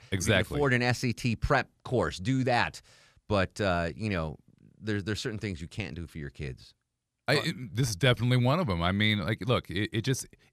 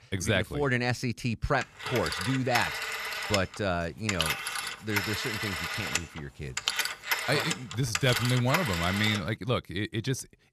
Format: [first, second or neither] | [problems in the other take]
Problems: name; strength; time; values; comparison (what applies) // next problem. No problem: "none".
first | phone ringing; loud; from 1.5 to 9 s; peak 2 dB above the speech